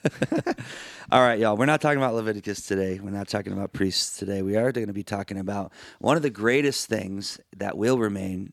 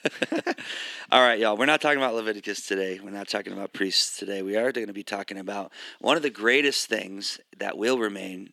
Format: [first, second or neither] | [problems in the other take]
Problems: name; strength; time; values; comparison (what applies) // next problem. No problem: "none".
first | thin; very slightly; fading below 250 Hz